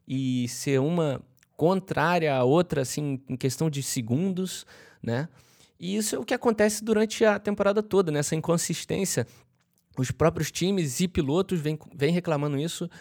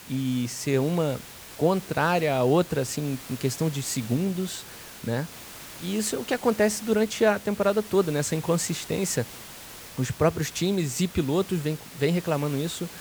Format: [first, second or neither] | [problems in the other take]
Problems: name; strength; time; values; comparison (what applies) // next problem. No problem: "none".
first | hiss; noticeable; throughout; 15 dB below the speech